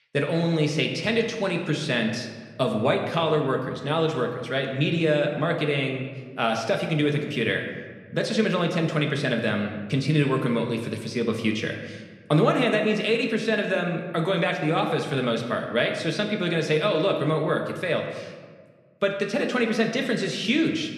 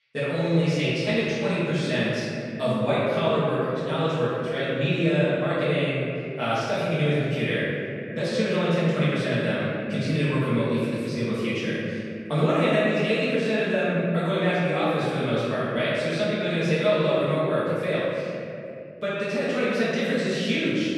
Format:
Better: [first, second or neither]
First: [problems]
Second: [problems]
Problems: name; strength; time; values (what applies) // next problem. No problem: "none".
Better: first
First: room echo; slight; dies away in 1.1 s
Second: room echo; strong; dies away in 2.6 s // off-mic speech; far